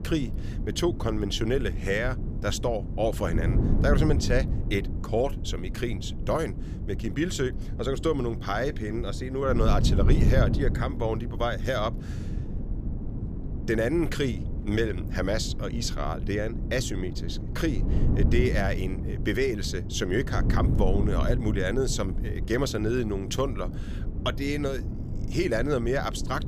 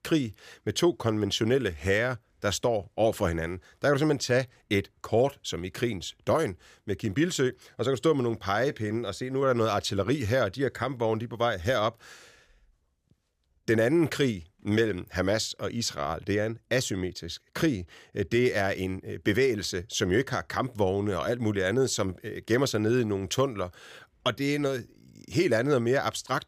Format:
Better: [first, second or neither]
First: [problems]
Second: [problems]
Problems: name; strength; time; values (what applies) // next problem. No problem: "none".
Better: second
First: wind noise on the microphone; occasional gusts; 10 dB below the speech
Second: none